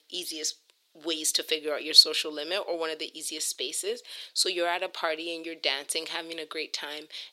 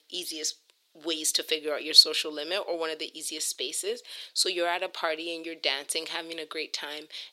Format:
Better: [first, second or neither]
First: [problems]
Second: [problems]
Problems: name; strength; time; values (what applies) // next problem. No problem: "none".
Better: neither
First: thin; very; fading below 350 Hz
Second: thin; very; fading below 350 Hz